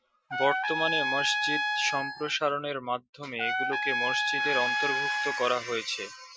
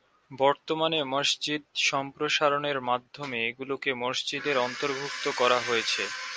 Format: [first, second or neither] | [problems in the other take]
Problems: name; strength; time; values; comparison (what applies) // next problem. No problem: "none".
second | noise reduction (classical method Wiener filter)